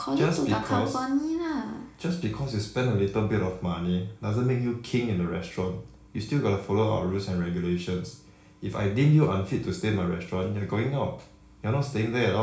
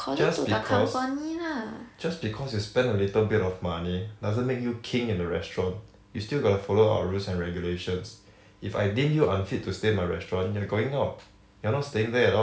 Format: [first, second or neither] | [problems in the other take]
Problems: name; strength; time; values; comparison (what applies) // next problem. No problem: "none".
second | room echo; dies away in 0.4 s